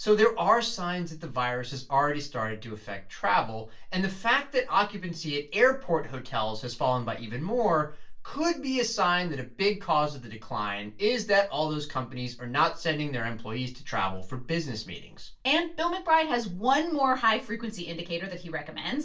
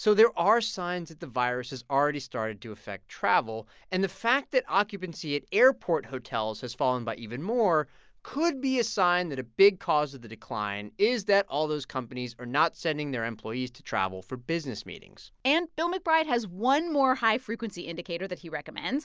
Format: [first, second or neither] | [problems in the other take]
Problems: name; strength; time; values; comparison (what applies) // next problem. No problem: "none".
second | room echo; dies away in 0.2 s